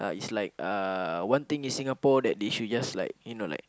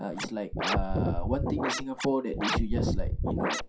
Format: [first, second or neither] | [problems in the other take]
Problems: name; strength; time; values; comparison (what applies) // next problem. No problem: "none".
first | noise reduction (classical method WPE with log-MMSE)